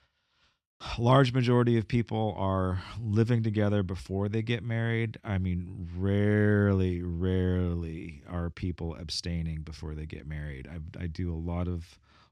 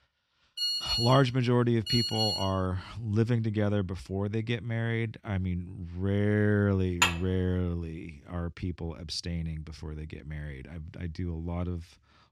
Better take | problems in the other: first | phone ringing; loud; from 0.5 to 2.5 s; peak 3 dB above the speech // clattering dishes; loud; at 7 s; peak 4 dB above the speech

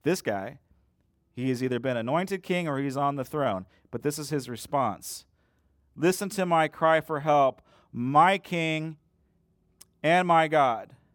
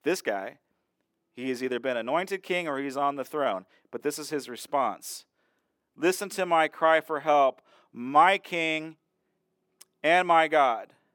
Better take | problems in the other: first | thin; very slightly; fading below 350 Hz

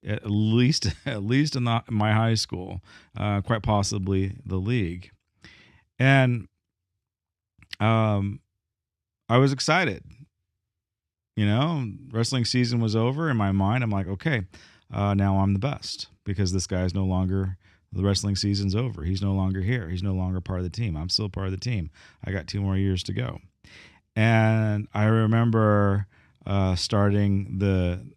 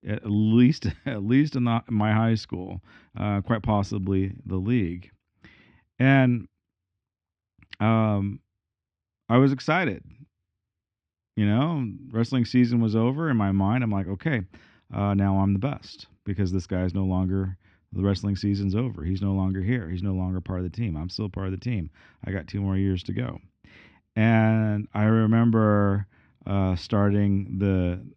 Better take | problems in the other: first | muffled; slightly; fading above 3 kHz

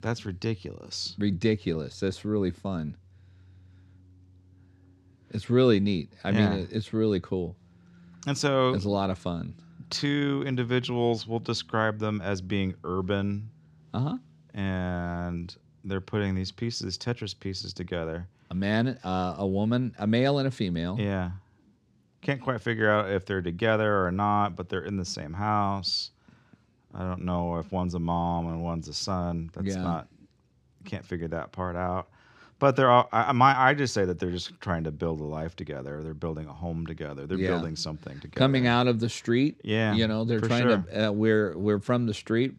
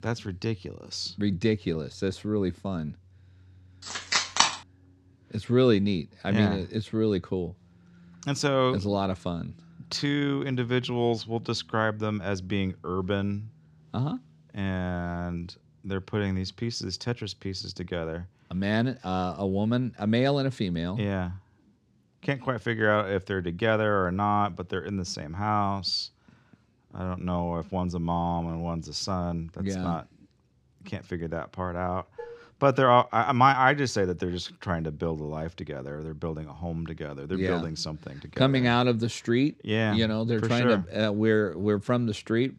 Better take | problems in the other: first | phone ringing; loud; at 4 s; peak 6 dB above the speech // clattering dishes; faint; at 32 s; peak 15 dB below the speech

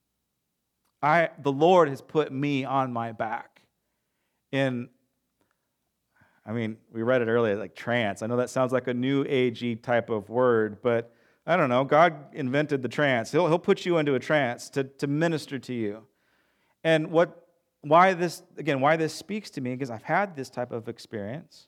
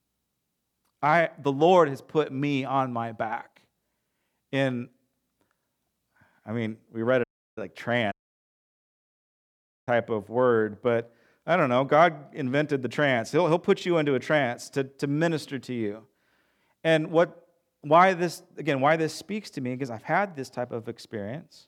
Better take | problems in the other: first | audio cutting out; at 7 s and at 8 s for 2 s

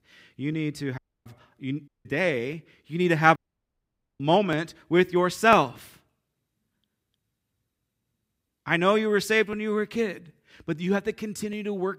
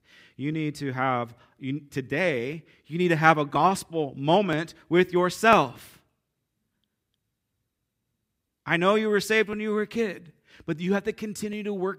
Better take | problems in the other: second | audio cutting out; at 1 s, at 2 s and at 3.5 s for 1 s

